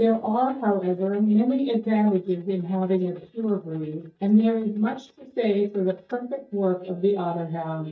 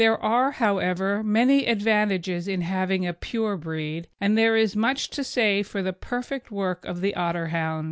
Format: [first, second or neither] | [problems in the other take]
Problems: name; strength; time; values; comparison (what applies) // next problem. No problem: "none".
second | noise reduction (neural mask model DeepFilterNet 3)